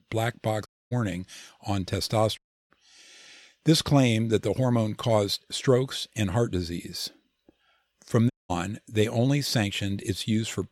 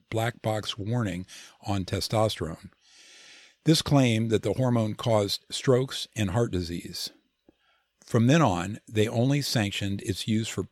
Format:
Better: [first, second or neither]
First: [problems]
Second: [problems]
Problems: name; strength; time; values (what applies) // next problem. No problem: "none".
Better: second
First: audio cutting out; at 0.5 s, at 2.5 s and at 8.5 s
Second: none